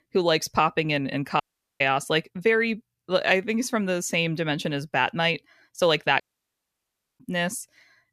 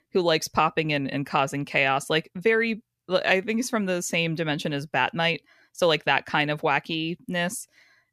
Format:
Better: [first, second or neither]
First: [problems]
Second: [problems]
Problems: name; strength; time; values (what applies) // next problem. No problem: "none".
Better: second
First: audio cutting out; at 1.5 s and at 6 s for 1 s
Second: none